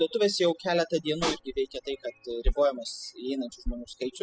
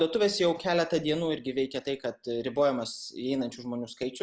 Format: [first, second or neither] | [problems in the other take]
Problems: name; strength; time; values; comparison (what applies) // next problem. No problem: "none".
second | noise reduction (classical method spectral subtraction)